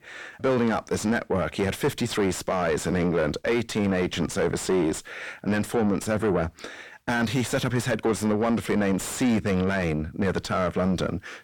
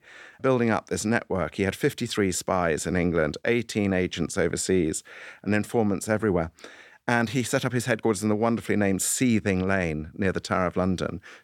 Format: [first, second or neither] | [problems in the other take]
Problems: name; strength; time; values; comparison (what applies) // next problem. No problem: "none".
second | distortion; heavy; 7 dB below the speech